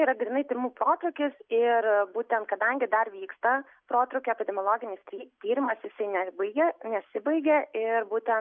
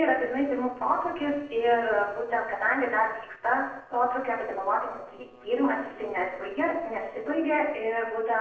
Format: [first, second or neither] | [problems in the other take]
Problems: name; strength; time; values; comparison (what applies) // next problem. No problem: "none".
first | noise reduction (neural separator model SepFormer DNS4)